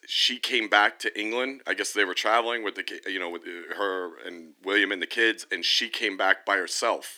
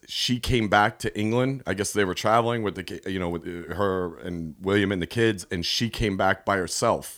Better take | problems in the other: second | thin; somewhat; fading below 300 Hz

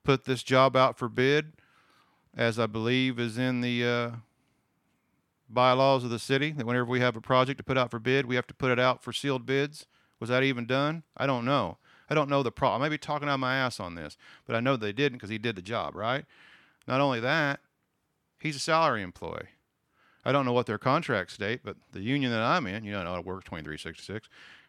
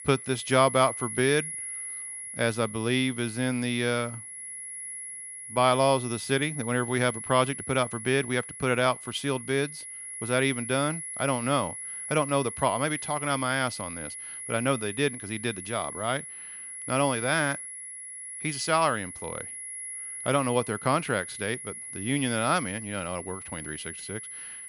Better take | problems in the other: first | high-pitched whine; loud; throughout; 10.5 kHz, 9 dB below the speech

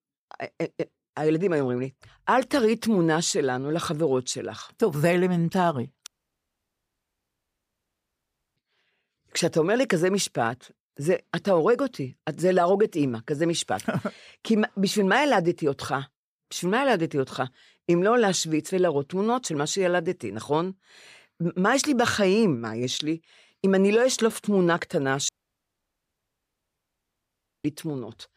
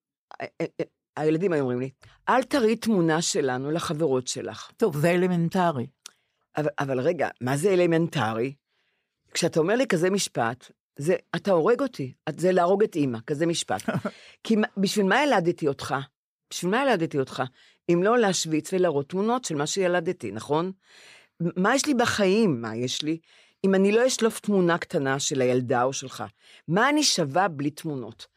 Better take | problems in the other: second | audio cutting out; at 6 s for 2.5 s and at 25 s for 2.5 s

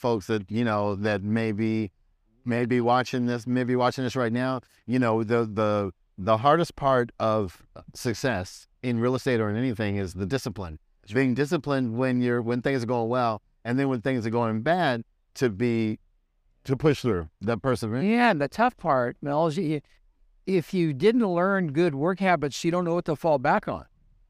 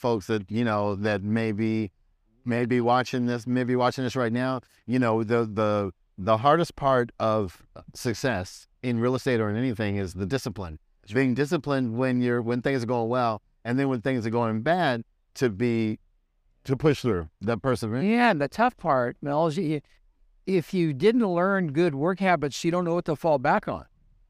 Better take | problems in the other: neither | none

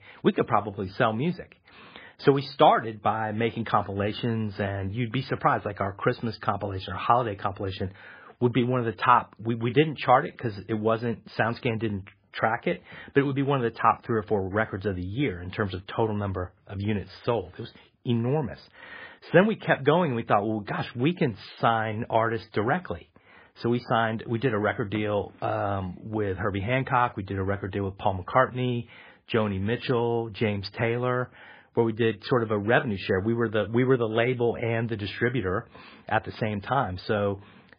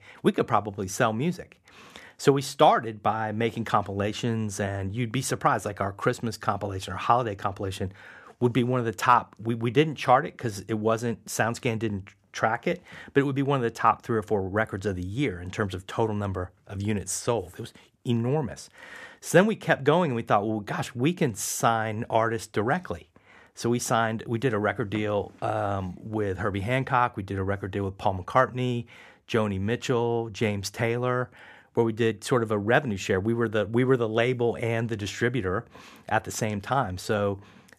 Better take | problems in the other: second | garbled, watery; badly; nothing above 5 kHz

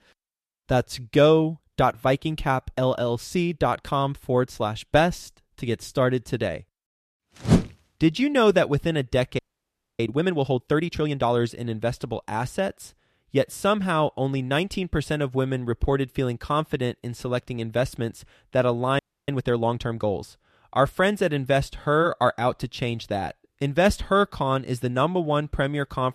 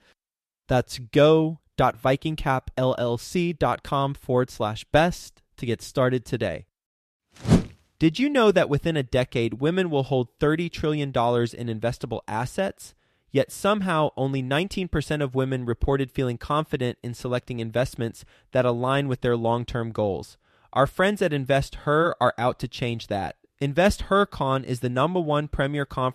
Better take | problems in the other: second | audio freezing; at 9.5 s for 0.5 s and at 19 s

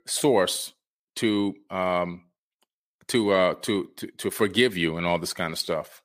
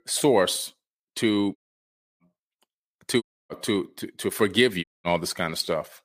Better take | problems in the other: first | audio cutting out; at 1.5 s for 0.5 s, at 3 s and at 5 s

